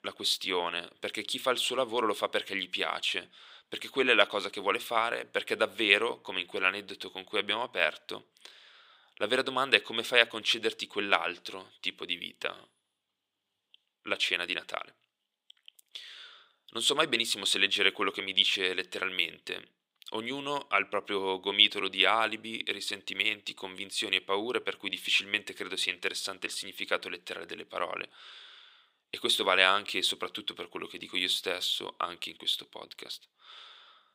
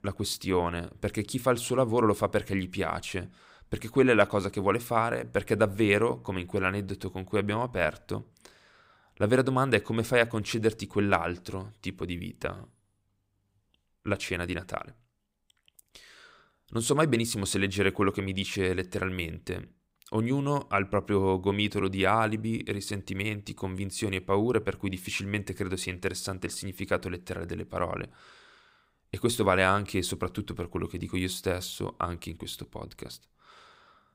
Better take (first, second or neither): second